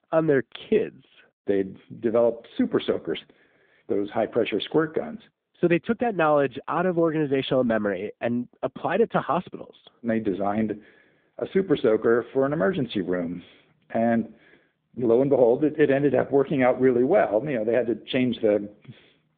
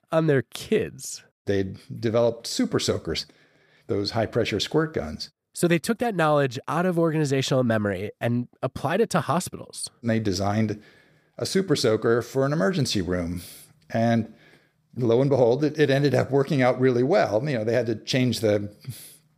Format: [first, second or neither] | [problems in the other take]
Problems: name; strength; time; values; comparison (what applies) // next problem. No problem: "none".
second | phone-call audio; nothing above 3.5 kHz